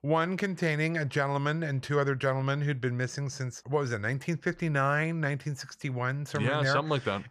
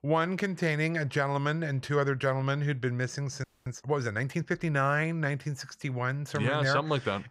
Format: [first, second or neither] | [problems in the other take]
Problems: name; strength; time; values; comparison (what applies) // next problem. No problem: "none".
first | audio freezing; at 3.5 s